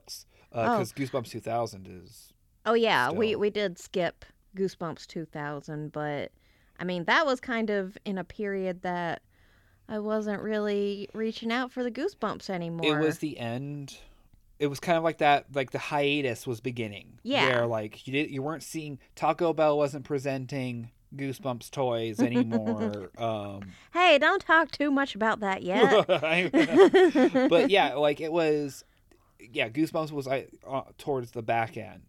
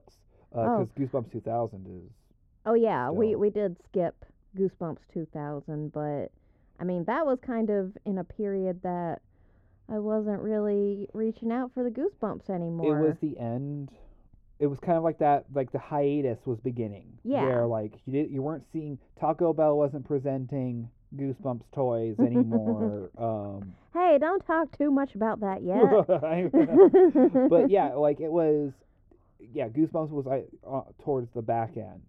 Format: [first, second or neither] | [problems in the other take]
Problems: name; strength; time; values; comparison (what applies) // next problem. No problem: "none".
first | muffled; very; fading above 1.5 kHz